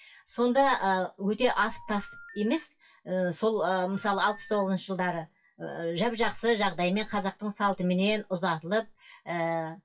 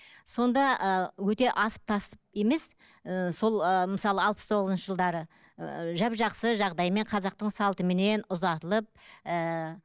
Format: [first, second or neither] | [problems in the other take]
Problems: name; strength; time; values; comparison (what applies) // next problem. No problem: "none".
second | noise reduction (classical method WPE with log-MMSE)